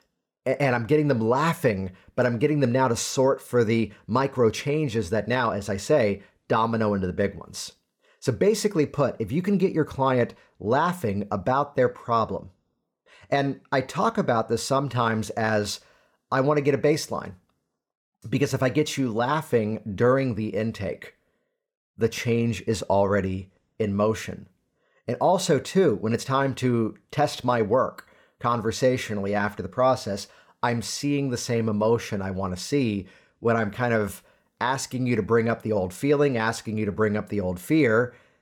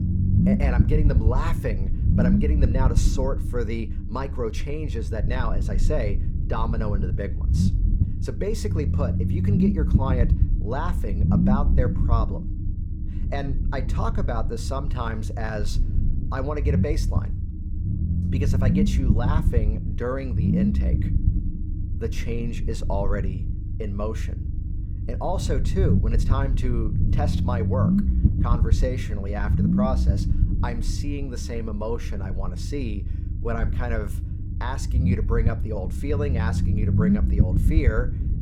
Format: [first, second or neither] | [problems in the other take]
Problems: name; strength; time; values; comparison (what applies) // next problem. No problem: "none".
first | low rumble; loud; throughout; 4 dB below the speech